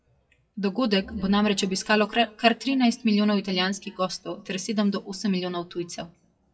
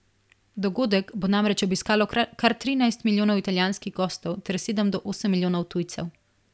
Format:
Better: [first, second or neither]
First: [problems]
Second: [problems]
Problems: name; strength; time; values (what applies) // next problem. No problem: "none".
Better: second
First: noise reduction (classical method WPE with log-MMSE)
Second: none